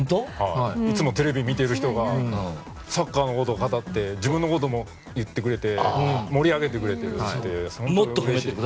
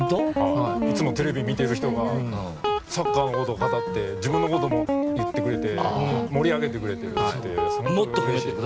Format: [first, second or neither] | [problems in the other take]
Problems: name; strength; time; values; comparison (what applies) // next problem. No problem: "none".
first | background sound (Guitar); 1 dB below the speech